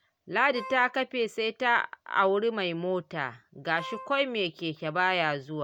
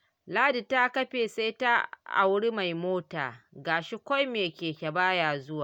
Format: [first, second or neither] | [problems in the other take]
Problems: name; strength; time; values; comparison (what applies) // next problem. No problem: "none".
second | background sound (Wind instrument, woodwind instrument); 14 dB below the speech